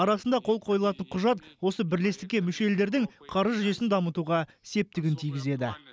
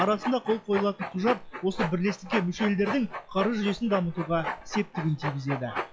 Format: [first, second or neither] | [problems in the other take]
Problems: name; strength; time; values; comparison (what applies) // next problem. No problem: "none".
first | noise reduction (classical method log-MMSE)